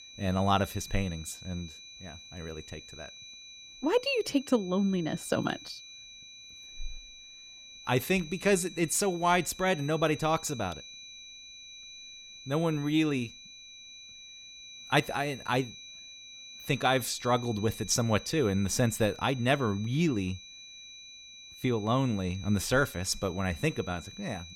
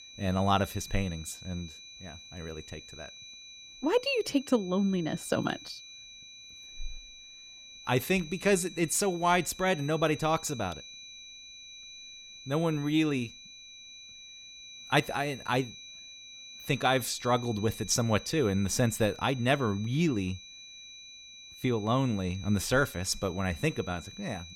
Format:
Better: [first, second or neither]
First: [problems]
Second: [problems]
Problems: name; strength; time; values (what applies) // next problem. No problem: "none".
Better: neither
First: high-pitched whine; noticeable; throughout; 4 kHz, 15 dB below the speech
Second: high-pitched whine; noticeable; throughout; 4 kHz, 15 dB below the speech